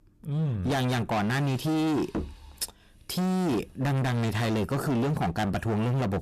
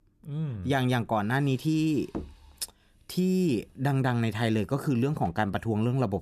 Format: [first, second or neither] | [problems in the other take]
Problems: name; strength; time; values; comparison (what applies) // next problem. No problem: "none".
second | distortion; heavy; 30% of the sound clipped